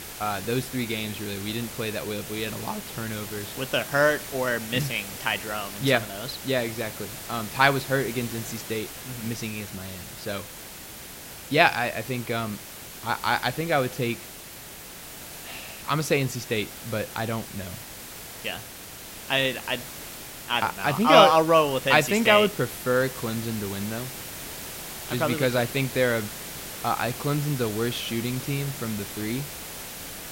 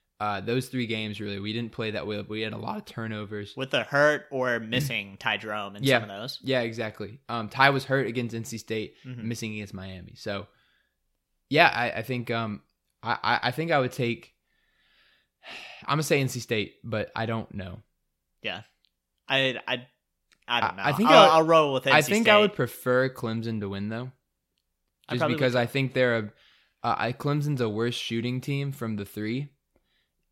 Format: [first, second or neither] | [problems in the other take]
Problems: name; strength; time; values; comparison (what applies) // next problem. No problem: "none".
second | hiss; noticeable; throughout; 10 dB below the speech